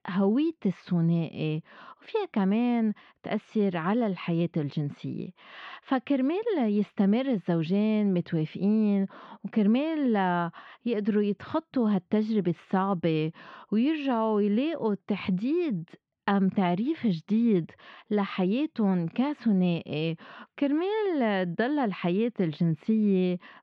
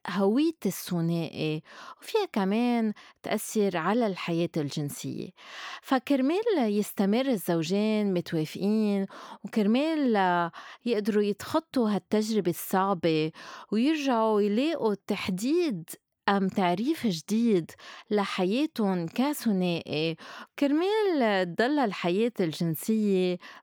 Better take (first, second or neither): second